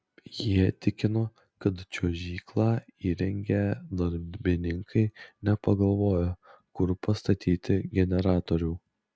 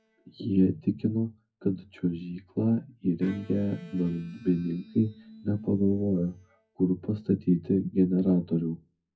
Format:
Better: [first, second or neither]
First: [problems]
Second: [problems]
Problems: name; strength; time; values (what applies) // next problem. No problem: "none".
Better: first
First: none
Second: noise reduction (classical method WPE with log-MMSE)